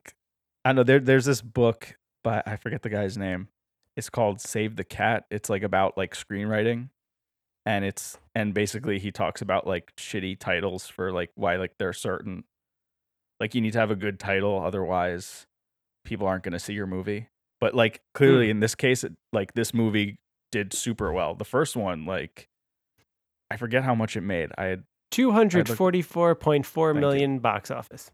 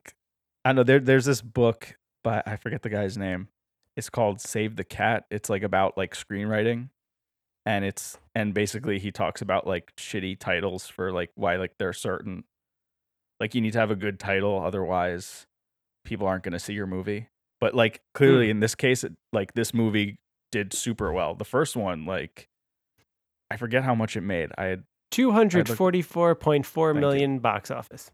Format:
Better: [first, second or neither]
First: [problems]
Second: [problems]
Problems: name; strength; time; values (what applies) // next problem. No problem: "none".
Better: neither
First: none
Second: none